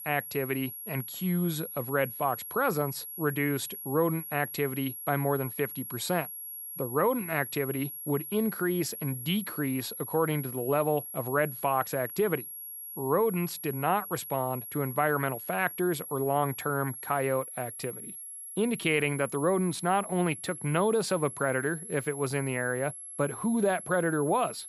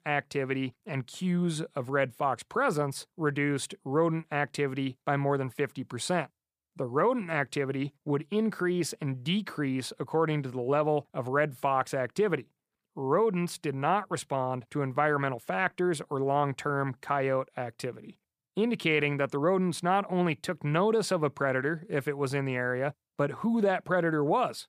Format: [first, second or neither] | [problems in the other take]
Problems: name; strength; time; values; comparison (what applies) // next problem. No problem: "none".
second | high-pitched whine; loud; throughout; 11.5 kHz, 8 dB below the speech